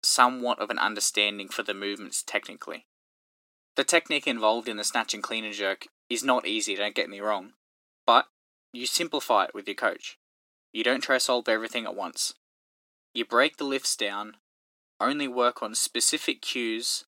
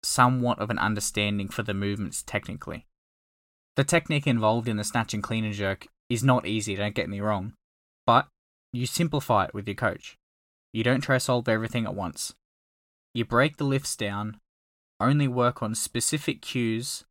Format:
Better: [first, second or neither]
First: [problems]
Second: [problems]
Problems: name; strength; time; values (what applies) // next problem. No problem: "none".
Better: second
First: thin; somewhat; fading below 300 Hz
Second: none